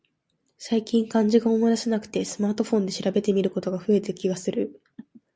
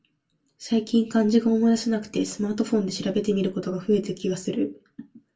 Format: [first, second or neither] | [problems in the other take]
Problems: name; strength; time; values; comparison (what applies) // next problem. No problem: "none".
first | room echo; dies away in 0.2 s